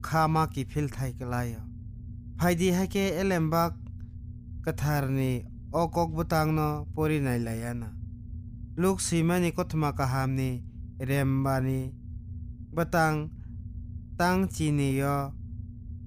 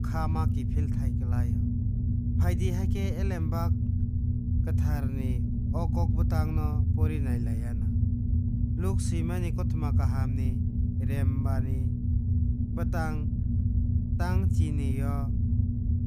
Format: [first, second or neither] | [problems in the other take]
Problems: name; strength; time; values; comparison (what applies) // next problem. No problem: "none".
first | low rumble; loud; throughout; 1 dB below the speech; faint in the first